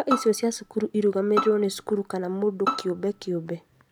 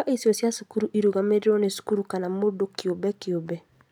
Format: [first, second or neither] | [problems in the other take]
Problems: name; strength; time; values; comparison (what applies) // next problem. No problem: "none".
second | background sound (Bowed string instrument); 8 dB below the speech